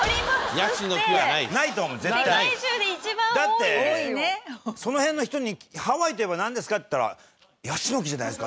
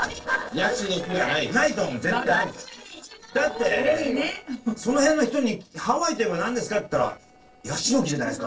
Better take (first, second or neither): first